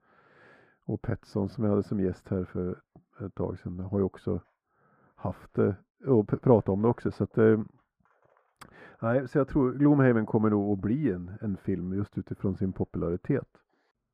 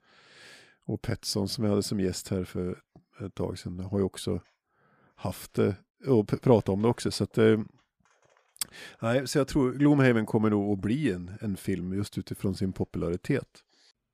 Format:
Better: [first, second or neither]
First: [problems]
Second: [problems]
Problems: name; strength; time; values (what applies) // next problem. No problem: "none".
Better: second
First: muffled; very; fading above 2.5 kHz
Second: none